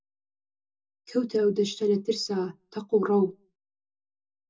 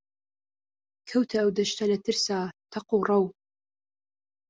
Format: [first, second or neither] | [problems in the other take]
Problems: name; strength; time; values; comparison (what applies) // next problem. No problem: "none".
second | room echo; dies away in 0.2 s